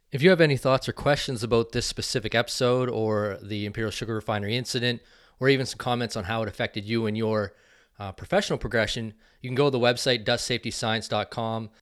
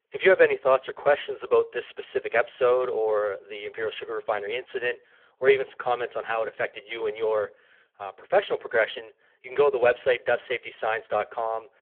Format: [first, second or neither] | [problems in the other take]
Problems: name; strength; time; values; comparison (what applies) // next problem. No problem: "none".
first | phone-call audio; poor line